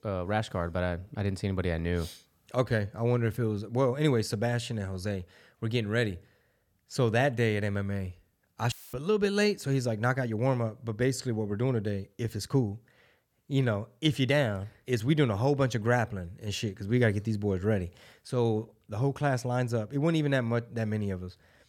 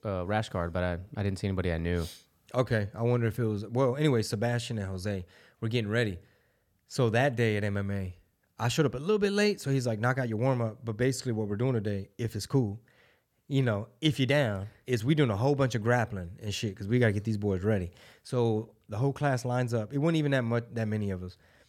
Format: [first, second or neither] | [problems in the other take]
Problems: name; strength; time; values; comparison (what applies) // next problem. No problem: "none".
second | audio cutting out; filled with static; at 8.5 s